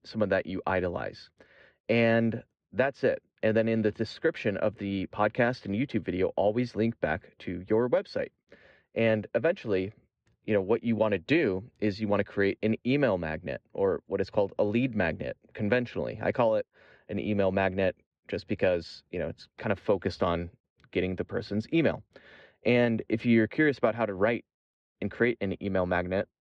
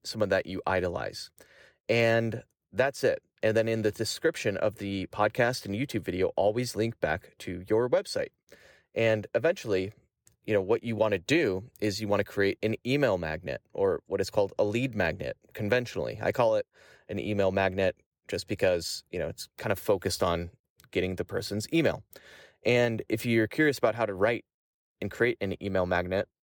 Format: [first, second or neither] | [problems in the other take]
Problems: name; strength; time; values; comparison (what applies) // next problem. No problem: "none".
second | muffled; slightly; fading above 3.5 kHz